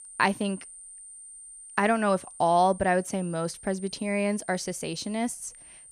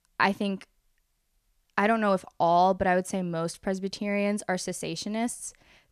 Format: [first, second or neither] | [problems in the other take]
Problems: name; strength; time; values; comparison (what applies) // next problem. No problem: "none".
second | high-pitched whine; noticeable; throughout; 9 kHz, 15 dB below the speech